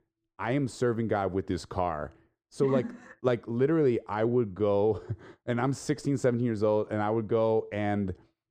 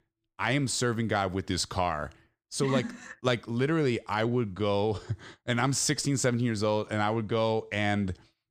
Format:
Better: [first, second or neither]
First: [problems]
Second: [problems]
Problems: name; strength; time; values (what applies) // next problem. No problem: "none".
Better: second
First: muffled; slightly; fading above 2 kHz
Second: none